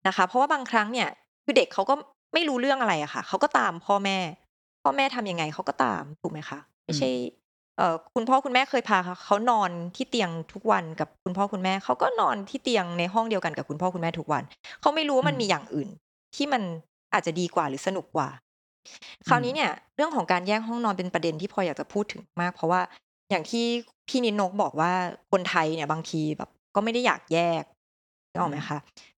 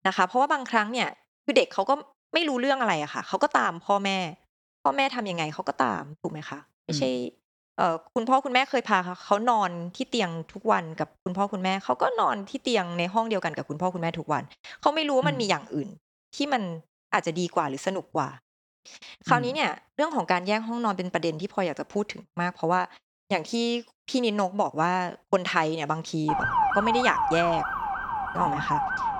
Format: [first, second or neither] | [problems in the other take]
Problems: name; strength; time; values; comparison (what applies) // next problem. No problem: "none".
first | siren; loud; from 26 s on; peak 3 dB above the speech